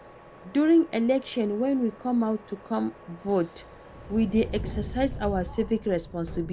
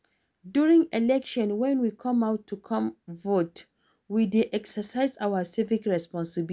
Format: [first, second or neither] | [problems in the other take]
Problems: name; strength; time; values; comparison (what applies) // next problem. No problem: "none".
second | background sound (Subway, metro, underground); 13 dB below the speech